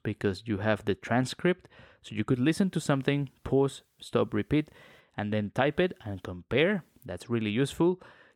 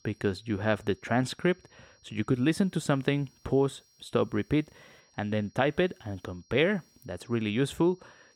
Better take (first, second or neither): first